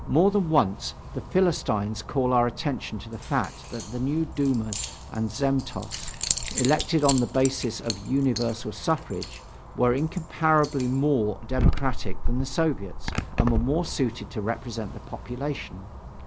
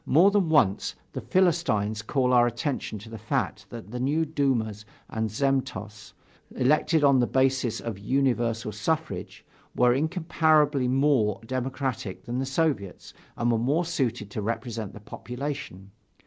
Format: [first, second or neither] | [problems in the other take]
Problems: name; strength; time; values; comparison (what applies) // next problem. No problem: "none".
second | background sound (Keys jangling); 4 dB below the speech